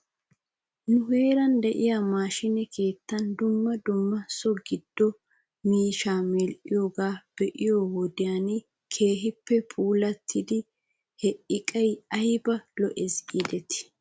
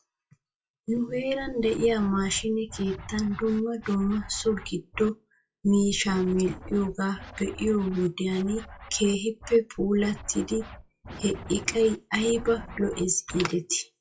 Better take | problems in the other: first | noise reduction (classical method WPE with log-MMSE)

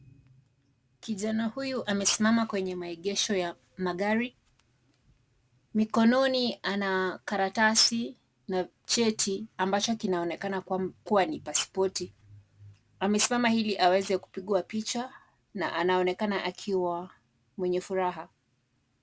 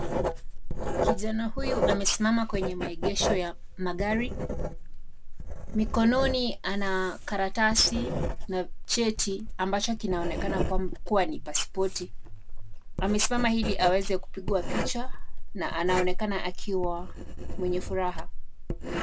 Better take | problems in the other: first | background sound (Writing); 1 dB above the speech

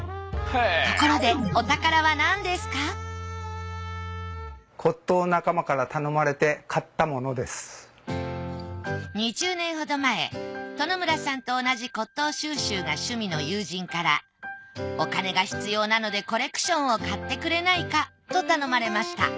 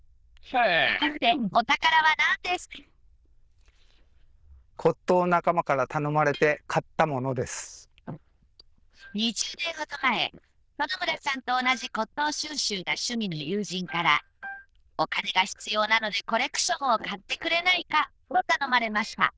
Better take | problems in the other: first | noise reduction (neural diffusion model UNIVERSE++)

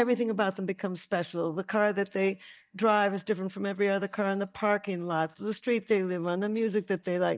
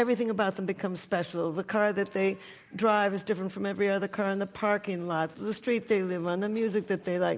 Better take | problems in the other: second | noise reduction (neural mask model DeepFilterNet 3)

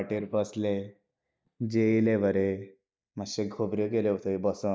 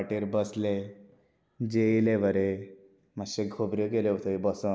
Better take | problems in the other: second | noise reduction (neural mask model DeepFilterNet 3)

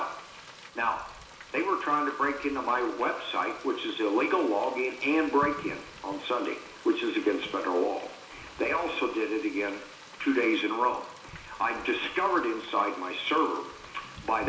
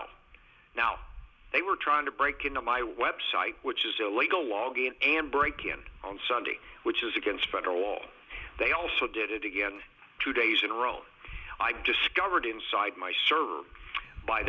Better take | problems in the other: second | background sound (Frying (food)); 19 dB below the speech // room echo; dies away in 0.7 s

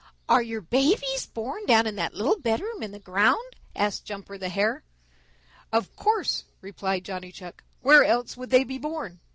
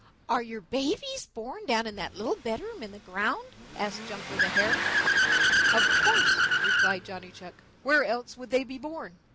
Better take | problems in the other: first | background sound (Accelerating, revving, vroom / Car); 3 dB above the speech

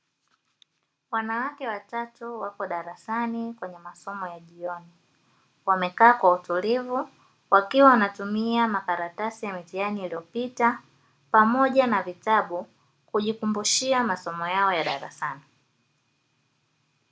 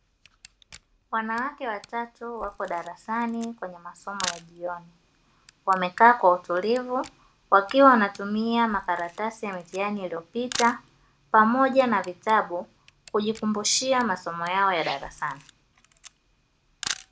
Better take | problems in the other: first | background sound (Camera); 18 dB below the speech

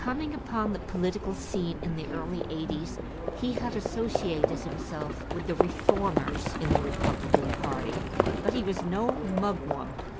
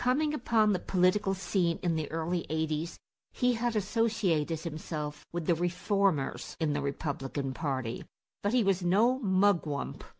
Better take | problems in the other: second | background sound (Livestock, farm animals, working animals); 2 dB above the speech

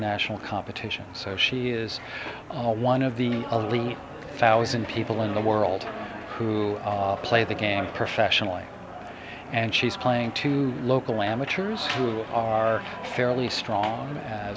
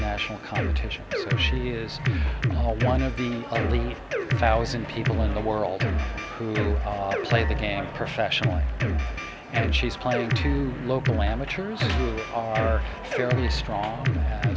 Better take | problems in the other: first | background sound (Drum kit); 2 dB above the speech

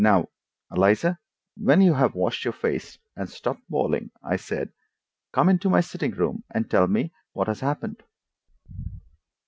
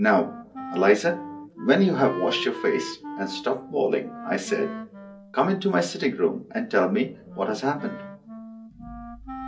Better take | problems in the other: first | background sound (Wind instrument, woodwind instrument); 13 dB below the speech // room echo; dies away in 0.3 s

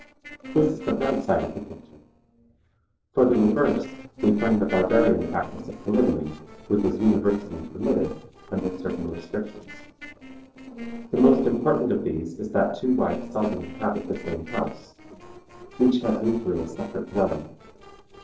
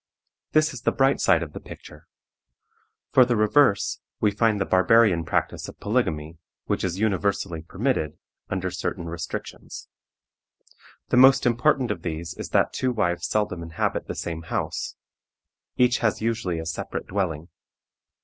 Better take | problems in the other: second | noise reduction (neural separator model SepFormer DNS4)

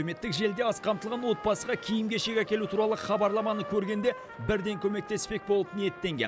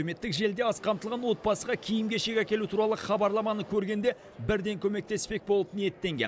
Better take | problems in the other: second | background sound (Trumpet); 14 dB below the speech

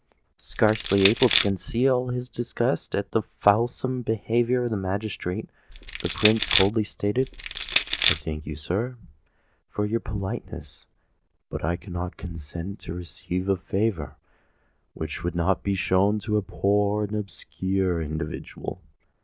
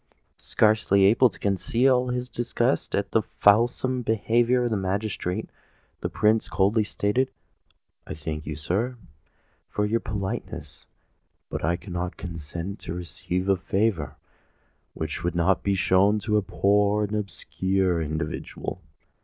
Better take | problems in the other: second | background sound (Crushing); 1 dB below the speech

